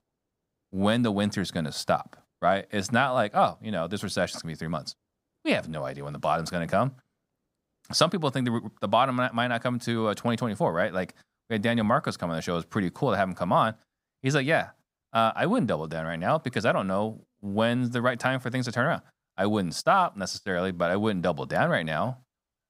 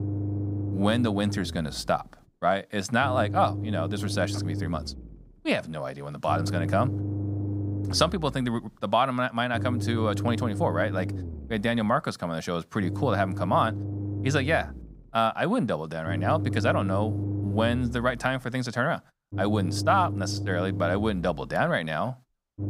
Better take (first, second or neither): first